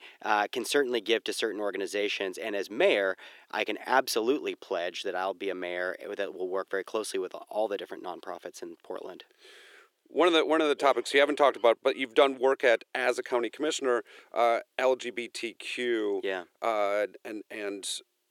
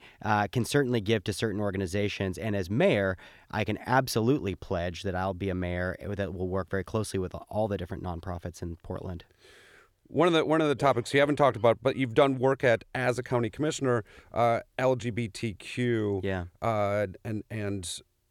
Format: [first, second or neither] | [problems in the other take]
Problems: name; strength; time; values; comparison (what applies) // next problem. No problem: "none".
second | thin; somewhat; fading below 350 Hz